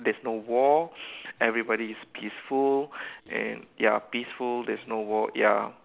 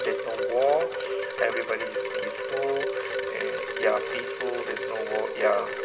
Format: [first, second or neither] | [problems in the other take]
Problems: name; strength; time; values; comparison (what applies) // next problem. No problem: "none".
first | background sound (Wind chime); 1 dB below the speech // room echo; dies away in 1.8 s